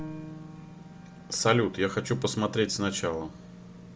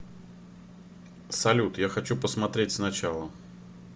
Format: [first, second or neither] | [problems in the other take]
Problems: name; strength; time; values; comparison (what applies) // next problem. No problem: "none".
second | background sound (Piano); 18 dB below the speech